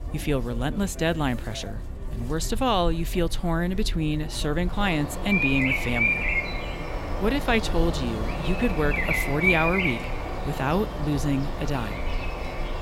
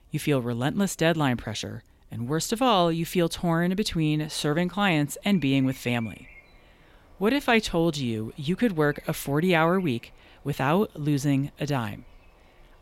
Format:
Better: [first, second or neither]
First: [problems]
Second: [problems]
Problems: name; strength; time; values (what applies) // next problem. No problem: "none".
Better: second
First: animal sounds; loud; throughout; 2 dB below the speech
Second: animal sounds; faint; throughout; 30 dB below the speech